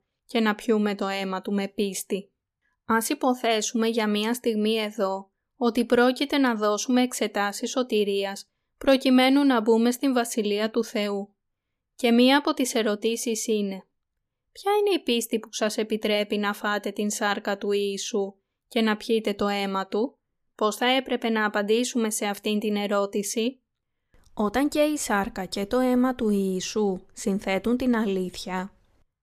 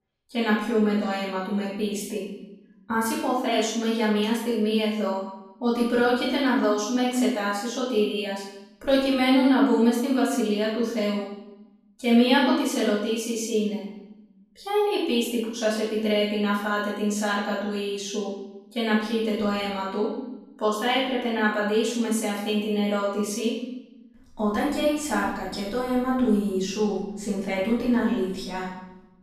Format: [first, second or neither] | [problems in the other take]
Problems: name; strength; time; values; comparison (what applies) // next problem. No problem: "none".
first | off-mic speech; far // room echo; noticeable; dies away in 0.9 s